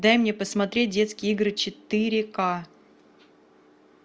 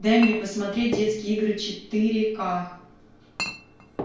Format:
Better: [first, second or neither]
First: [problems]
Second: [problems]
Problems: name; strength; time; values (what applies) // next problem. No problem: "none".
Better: first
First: none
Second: background sound (Chink, clink); 12 dB below the speech // room echo; dies away in 0.5 s